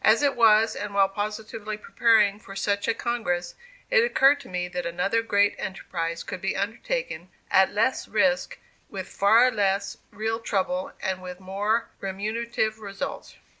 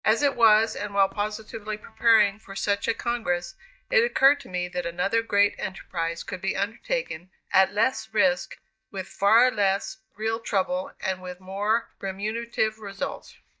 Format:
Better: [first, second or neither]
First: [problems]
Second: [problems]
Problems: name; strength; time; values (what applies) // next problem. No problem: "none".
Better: first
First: none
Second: noise reduction (neural mask model DeepFilterNet 3)